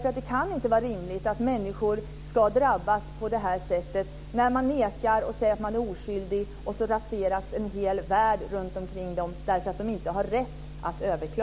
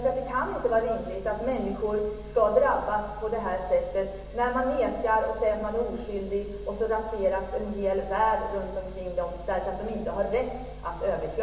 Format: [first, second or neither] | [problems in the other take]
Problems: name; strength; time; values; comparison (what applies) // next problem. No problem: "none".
first | room echo; dies away in 1.1 s